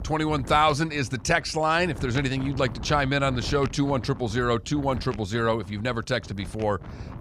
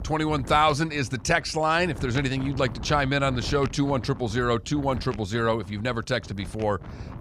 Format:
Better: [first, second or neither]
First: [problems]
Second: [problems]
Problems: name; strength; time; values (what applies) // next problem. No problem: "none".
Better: neither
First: wind noise on the microphone; occasional gusts; 20 dB below the speech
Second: wind noise on the microphone; occasional gusts; 20 dB below the speech